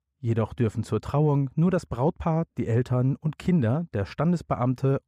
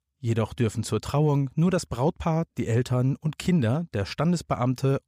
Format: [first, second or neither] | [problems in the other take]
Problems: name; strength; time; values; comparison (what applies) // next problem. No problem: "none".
second | muffled; slightly; fading above 2.5 kHz